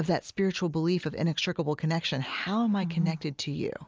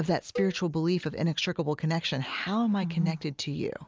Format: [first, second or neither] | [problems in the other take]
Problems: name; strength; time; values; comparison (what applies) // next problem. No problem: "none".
first | background sound (Cowbell); 14 dB below the speech